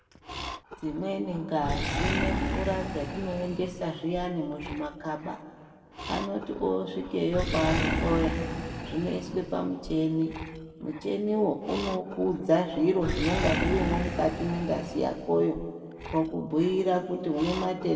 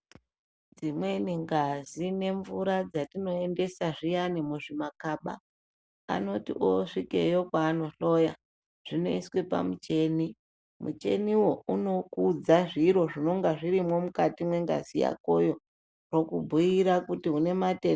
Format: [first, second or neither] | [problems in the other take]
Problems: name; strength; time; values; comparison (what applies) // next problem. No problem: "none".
second | background sound (Animal); 5 dB below the speech // room echo; dies away in 1.9 s